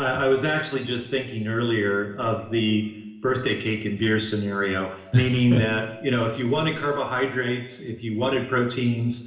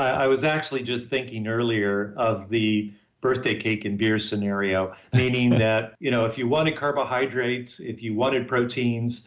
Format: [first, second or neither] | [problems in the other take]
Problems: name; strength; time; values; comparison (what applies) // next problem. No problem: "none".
second | room echo; dies away in 0.9 s